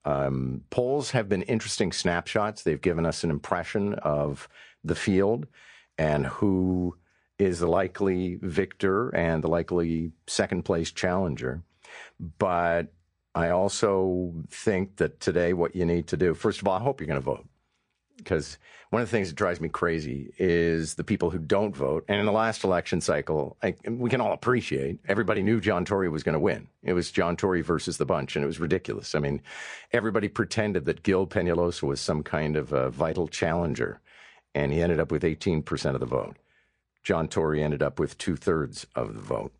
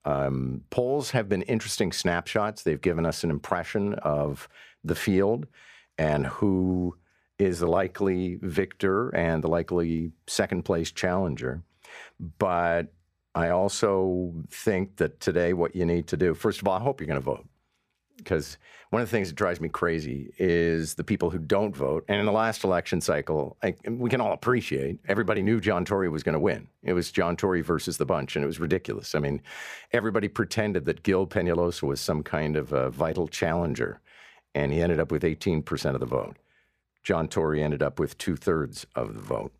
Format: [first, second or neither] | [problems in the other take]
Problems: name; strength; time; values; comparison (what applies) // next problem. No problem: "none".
second | garbled, watery; slightly